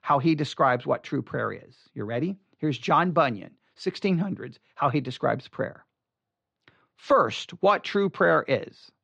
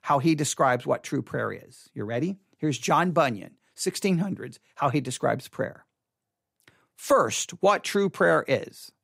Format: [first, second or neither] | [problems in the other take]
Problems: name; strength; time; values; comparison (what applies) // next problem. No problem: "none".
second | muffled; slightly; fading above 4 kHz